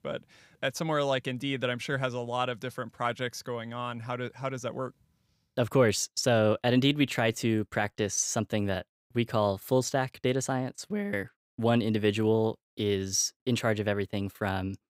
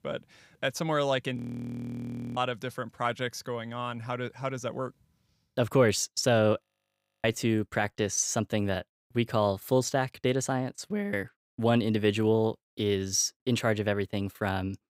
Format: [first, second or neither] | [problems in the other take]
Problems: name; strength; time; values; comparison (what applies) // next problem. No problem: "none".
first | audio freezing; at 1.5 s for 1 s and at 6.5 s for 0.5 s